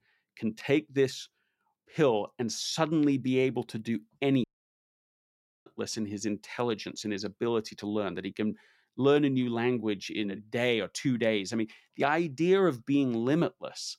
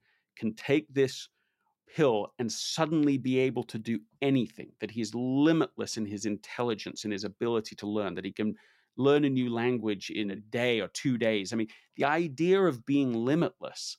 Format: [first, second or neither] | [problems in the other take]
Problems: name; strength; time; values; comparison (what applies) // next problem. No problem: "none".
second | audio cutting out; at 4.5 s for 1 s